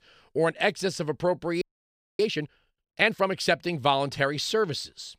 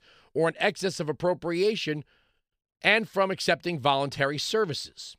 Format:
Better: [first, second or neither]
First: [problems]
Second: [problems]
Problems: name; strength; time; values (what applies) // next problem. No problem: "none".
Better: second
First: audio freezing; at 1.5 s for 0.5 s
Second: none